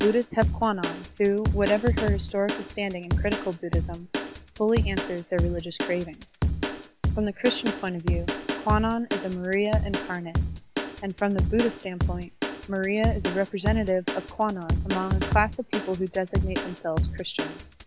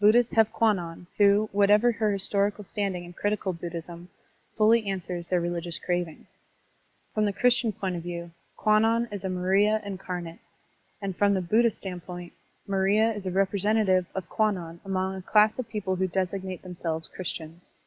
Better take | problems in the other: second | background sound (Drum kit); 1 dB below the speech

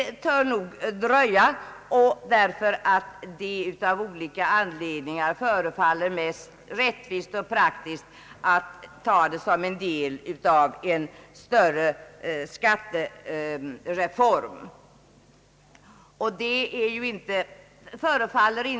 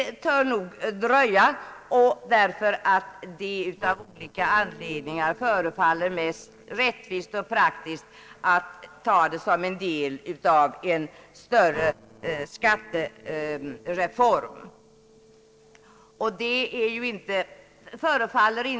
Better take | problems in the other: first | noise reduction (neural separator model SepFormer DNS4)

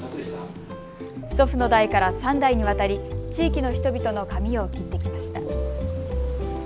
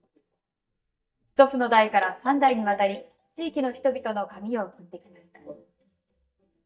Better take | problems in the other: first | noise reduction (neural mask model DeepFilterNet 3)

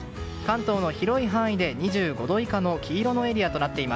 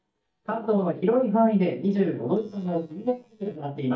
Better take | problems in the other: first | noise reduction (neural mask model DeepFilterNet 3)

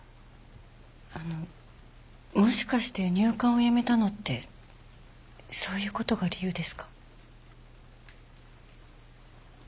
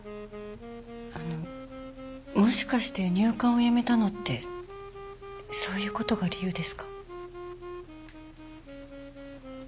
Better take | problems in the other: first | background sound (Wind instrument, woodwind instrument); 12 dB below the speech

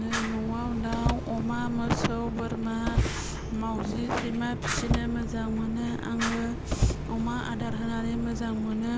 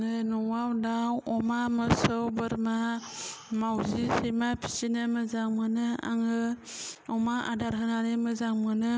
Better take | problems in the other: second | background sound (Fire + Car); 1 dB below the speech

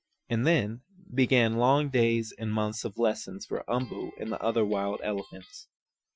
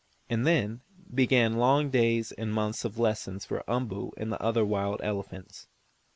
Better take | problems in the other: second | noise reduction (classical method Wiener filter)

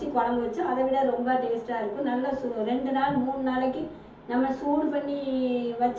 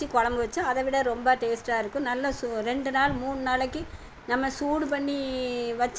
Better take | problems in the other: second | room echo; dies away in 0.5 s

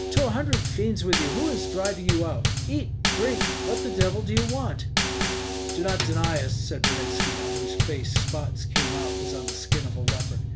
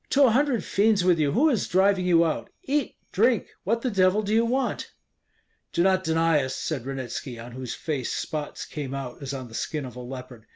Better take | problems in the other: second | background sound (Bass drum / Snare drum / Drum kit); 5 dB above the speech

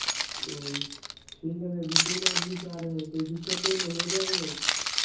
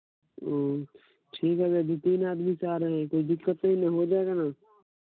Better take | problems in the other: second | background sound (Keys jangling); 3 dB above the speech // room echo; dies away in 0.6 s

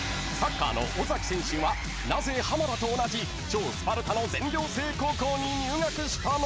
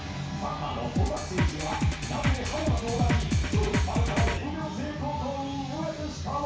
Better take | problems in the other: first | background sound (Drum kit); 4 dB above the speech // room echo; dies away in 0.6 s

